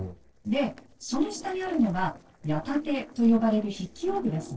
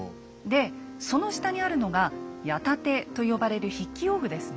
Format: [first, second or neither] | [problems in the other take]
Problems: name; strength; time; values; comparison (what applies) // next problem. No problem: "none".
second | noise reduction (neural separator model SepFormer DNS4)